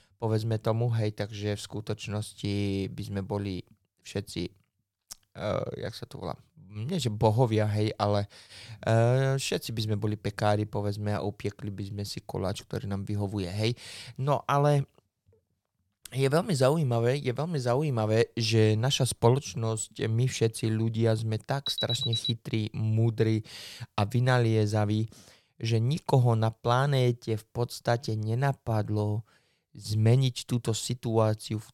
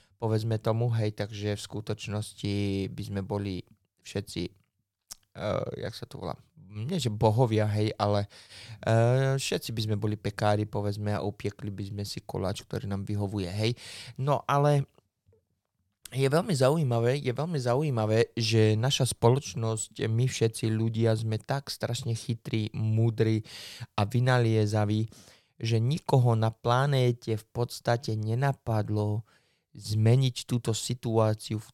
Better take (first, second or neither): second